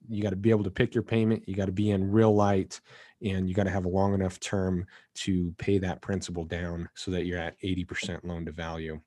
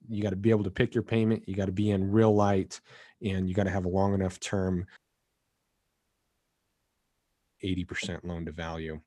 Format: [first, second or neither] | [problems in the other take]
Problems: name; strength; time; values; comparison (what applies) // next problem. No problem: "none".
first | audio cutting out; at 5 s for 2.5 s